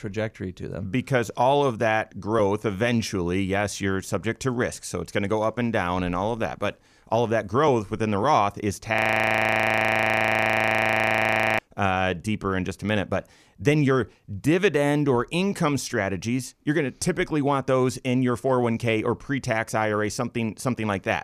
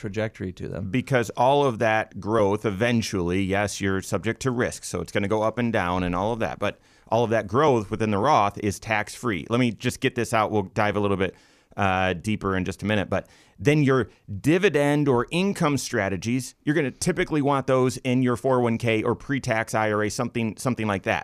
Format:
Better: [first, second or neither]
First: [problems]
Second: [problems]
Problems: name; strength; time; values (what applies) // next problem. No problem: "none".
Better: second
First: audio freezing; at 9 s for 2.5 s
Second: none